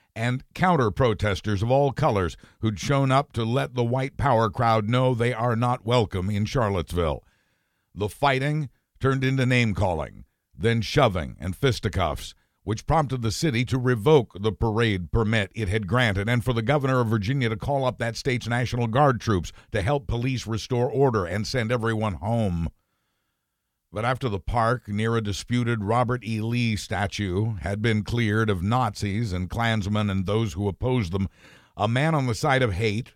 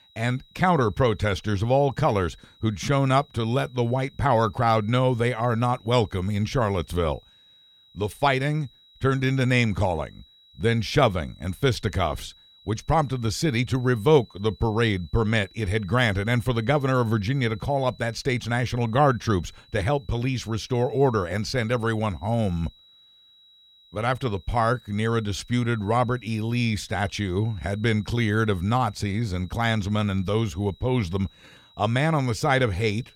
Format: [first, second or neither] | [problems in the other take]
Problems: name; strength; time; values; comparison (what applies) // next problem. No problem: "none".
first | high-pitched whine; faint; throughout; 4 kHz, 30 dB below the speech